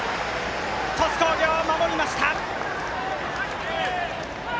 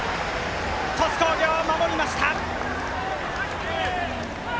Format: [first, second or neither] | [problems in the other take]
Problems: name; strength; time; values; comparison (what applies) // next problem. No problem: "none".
first | background sound (Gull, seagull); 12 dB below the speech